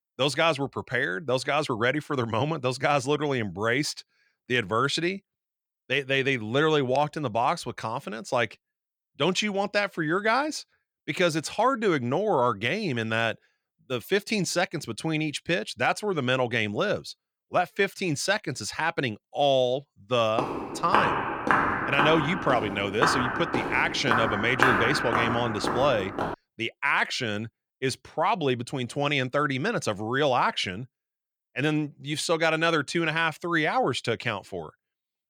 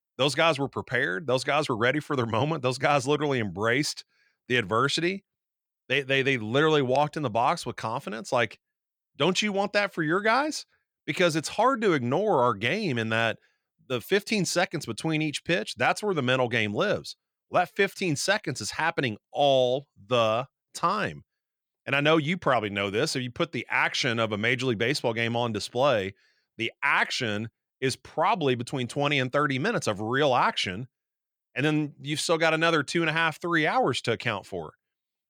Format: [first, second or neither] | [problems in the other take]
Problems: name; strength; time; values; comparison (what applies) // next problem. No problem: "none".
second | footsteps; loud; from 20 to 26 s; peak 4 dB above the speech